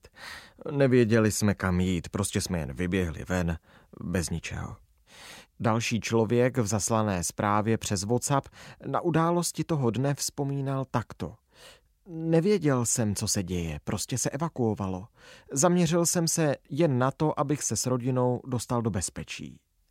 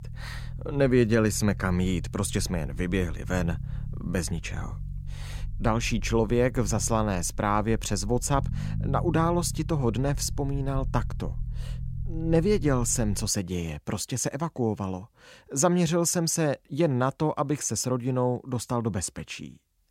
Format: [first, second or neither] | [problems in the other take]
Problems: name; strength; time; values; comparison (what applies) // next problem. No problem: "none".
first | low rumble; faint; until 13 s; 20 dB below the speech